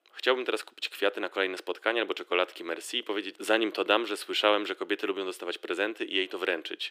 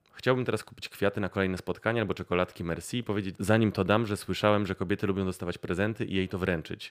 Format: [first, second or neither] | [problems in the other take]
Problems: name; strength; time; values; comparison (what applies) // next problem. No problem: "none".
second | thin; very; fading below 300 Hz